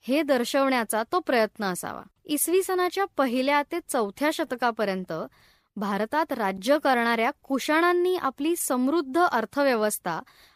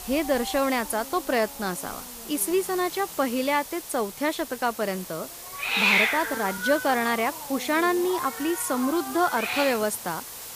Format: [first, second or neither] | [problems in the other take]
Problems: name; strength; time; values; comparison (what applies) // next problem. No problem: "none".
first | hiss; loud; throughout; 4 dB below the speech